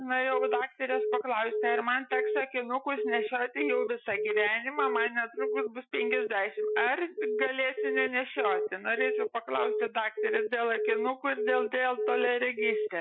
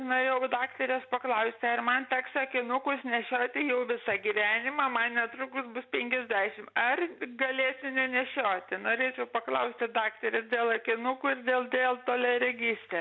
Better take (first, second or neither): second